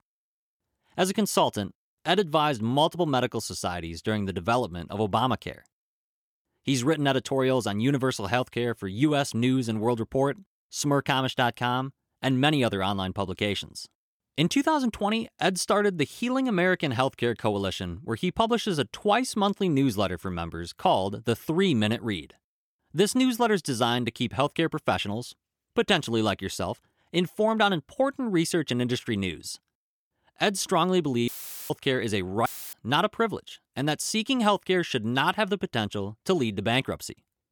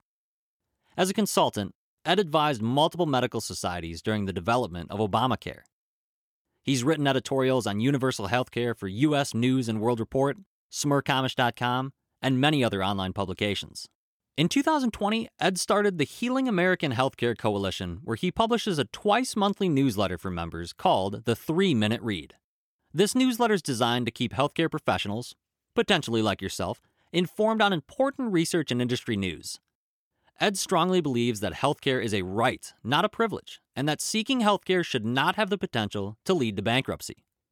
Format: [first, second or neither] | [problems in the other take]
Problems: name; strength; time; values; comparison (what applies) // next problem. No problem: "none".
second | audio cutting out; filled with static; at 31 s and at 32 s